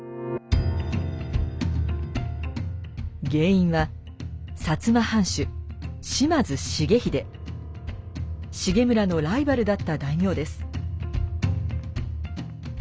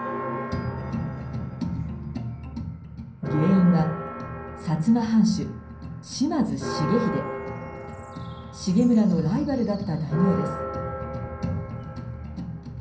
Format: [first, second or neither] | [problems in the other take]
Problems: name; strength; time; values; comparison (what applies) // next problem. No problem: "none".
first | background sound (Church bell); 10 dB below the speech // room echo; dies away in 0.6 s